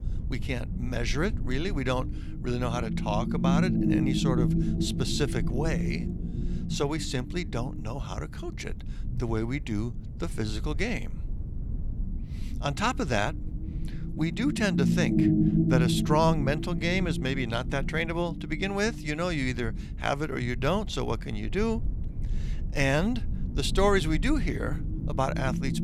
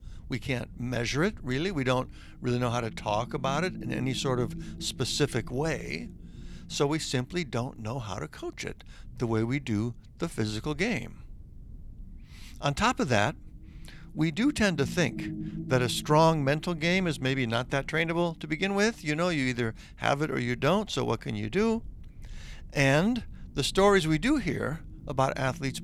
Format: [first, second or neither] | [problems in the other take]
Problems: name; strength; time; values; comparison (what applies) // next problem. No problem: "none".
second | low rumble; loud; throughout; 7 dB below the speech; faint in the second